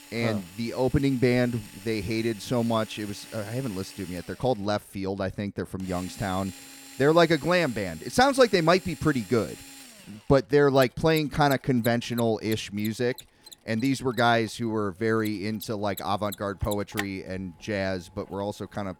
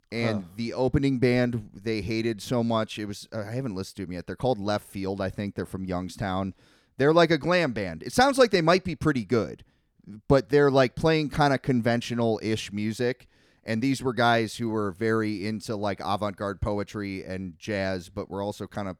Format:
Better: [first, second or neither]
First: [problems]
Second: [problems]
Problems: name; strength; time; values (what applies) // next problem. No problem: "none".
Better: second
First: machinery noise; noticeable; throughout; 15 dB below the speech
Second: none